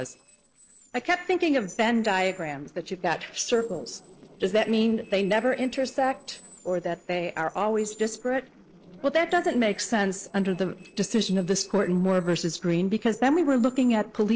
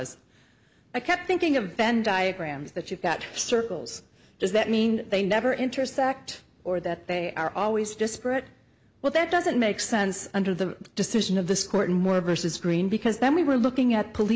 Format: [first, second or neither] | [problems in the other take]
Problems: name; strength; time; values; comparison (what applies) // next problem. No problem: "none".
second | noise reduction (neural separator model SepFormer DNS4)